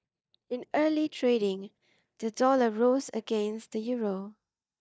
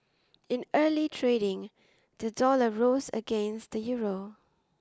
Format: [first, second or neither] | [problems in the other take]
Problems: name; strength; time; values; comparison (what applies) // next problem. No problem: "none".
second | noise reduction (neural mask model DeepFilterNet 3)